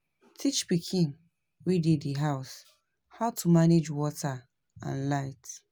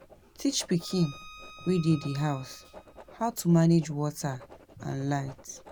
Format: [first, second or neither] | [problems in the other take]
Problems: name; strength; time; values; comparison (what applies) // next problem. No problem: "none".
first | background sound (Writing + Bowed string instrument); 20 dB below the speech